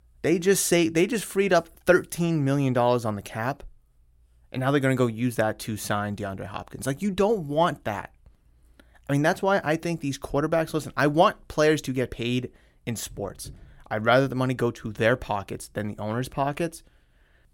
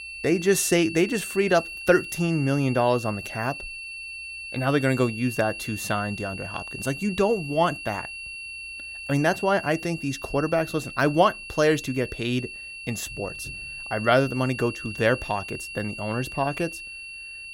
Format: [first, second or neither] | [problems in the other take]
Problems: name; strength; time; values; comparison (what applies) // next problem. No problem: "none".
first | high-pitched whine; loud; throughout; 2.5 kHz, 10 dB below the speech